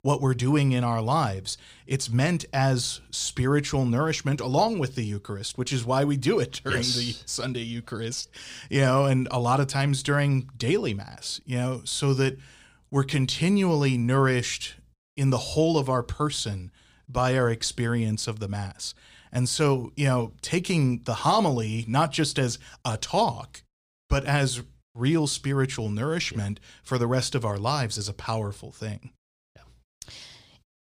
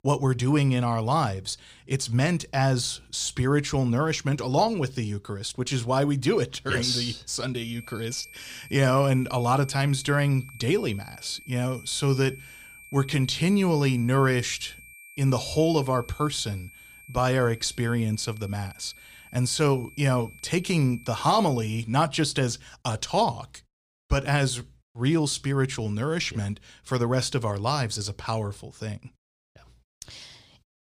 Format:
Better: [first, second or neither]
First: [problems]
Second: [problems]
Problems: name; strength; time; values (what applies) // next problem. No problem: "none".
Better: first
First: none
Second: high-pitched whine; faint; from 7.5 to 22 s; 2.5 kHz, 20 dB below the speech